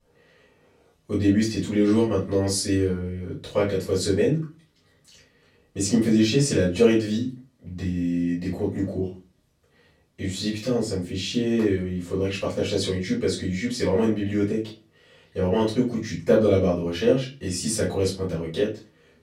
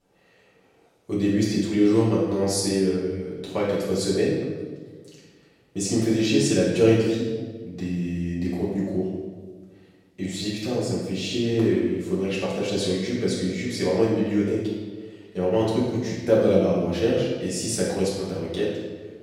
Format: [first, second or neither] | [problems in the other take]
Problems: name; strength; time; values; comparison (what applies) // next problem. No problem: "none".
first | room echo; strong; dies away in 1.2 s; slight in the first // off-mic speech; far; far in the first